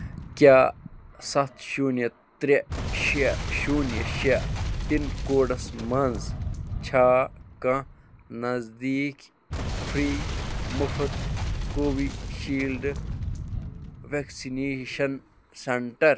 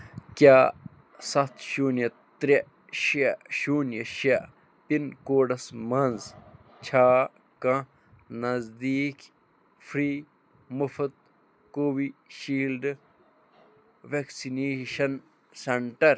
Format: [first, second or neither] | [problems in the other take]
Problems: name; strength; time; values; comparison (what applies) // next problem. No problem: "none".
second | background sound (Boom); 7 dB below the speech